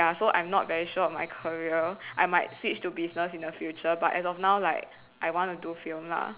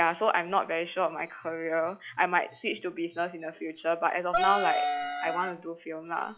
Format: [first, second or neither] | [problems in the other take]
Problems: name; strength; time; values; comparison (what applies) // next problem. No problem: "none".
first | noise reduction (classical method log-MMSE)